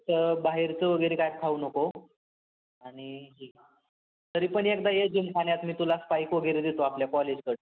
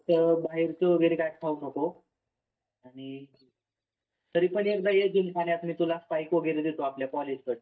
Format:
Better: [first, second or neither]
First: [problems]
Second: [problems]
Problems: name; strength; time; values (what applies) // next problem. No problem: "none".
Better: first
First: none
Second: noise reduction (neural mask model DeepFilterNet 3)